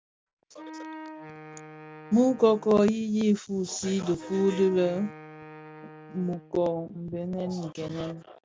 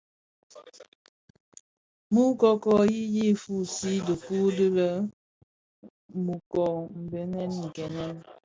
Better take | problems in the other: second | background sound (Wind instrument, woodwind instrument); 17 dB below the speech

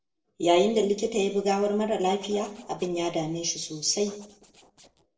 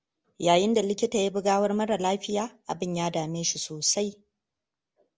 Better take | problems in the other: second | noise reduction (neural separator model SepFormer DNS4)

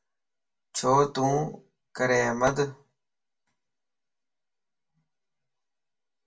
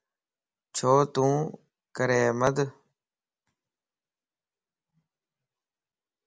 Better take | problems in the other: second | background sound (Wind instrument, woodwind instrument); 10 dB below the speech // room echo; dies away in 0.2 s

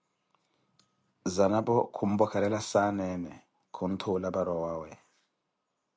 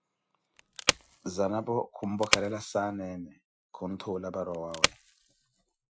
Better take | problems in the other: first | noise reduction (classical method Wiener filter)

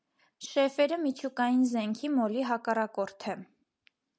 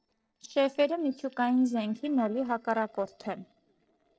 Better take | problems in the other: first | noise reduction (neural separator model SepFormer DNS4)

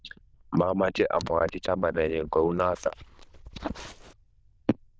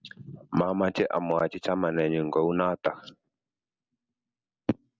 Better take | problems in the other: second | noise reduction (neural diffusion model UNIVERSE++)

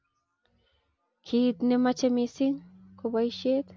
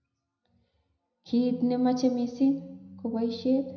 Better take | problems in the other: first | room echo; dies away in 0.8 s

